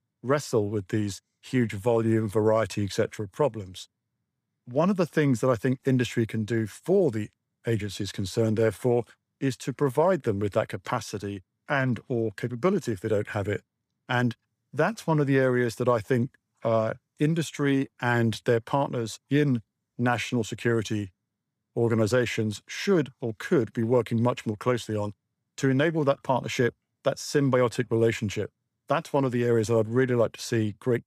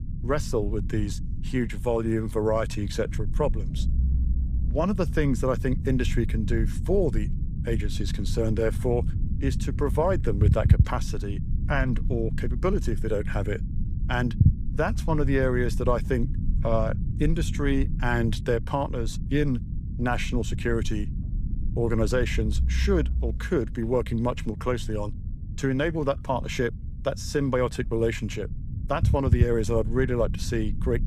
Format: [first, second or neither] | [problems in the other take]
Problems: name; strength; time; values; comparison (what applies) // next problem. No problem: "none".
first | low rumble; noticeable; throughout; 15 dB below the speech